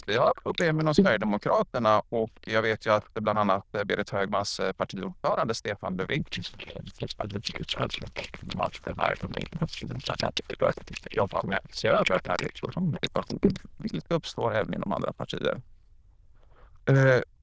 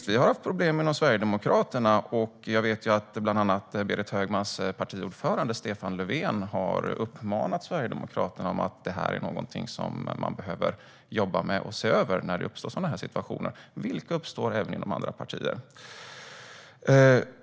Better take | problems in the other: second | noise reduction (neural diffusion model UNIVERSE++)

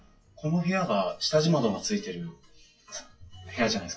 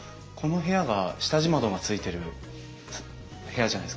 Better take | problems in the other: second | noise reduction (classical method WPE with log-MMSE)

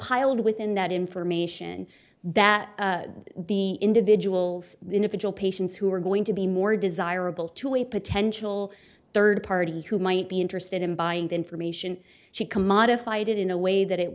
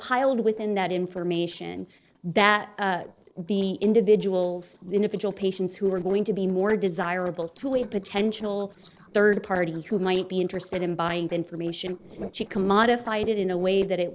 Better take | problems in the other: first | noise reduction (neural separator model SepFormer DNS4)

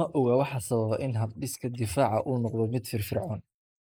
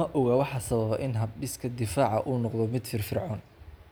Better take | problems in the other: second | noise reduction (neural mask model Resemble Enhance denoiser)

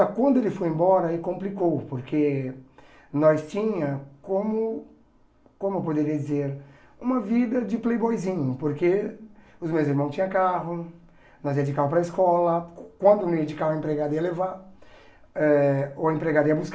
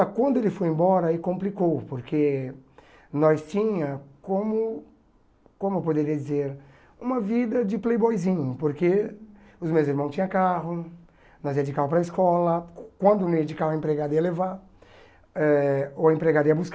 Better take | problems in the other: second | room echo; dies away in 0.4 s

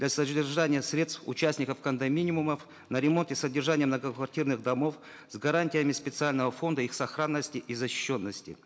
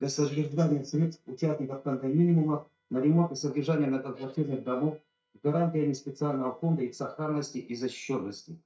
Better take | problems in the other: first | noise reduction (neural mask model DeepFilterNet 3)

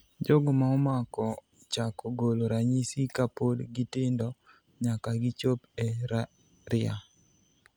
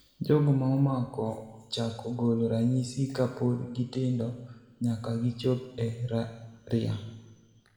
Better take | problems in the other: first | room echo; dies away in 1.1 s

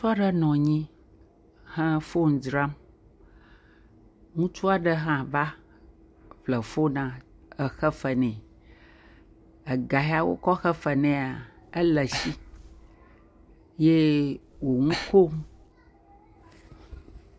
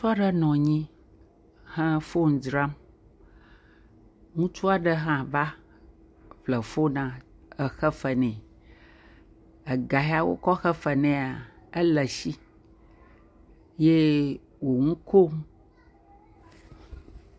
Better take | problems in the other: second | background sound (Breathing); 12 dB below the speech

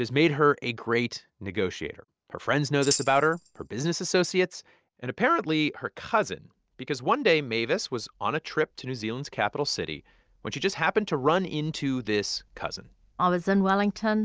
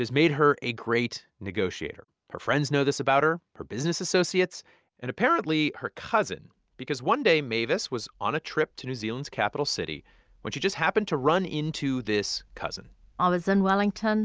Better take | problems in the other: second | noise reduction (neural separator model SepFormer DNS4)

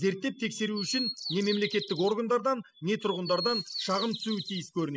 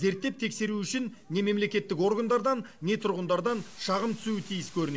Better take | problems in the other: second | noise reduction (classical method spectral subtraction)

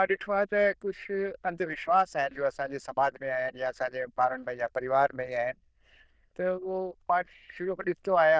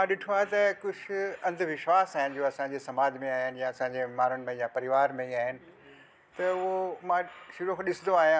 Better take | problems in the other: second | noise reduction (neural diffusion model UNIVERSE++)

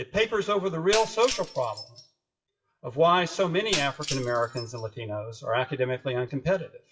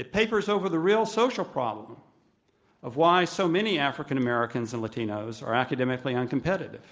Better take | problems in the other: second | noise reduction (classical method WPE with log-MMSE)

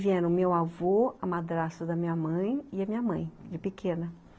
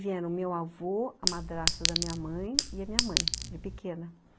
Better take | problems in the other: first | background sound (Chink, clink); 4 dB above the speech

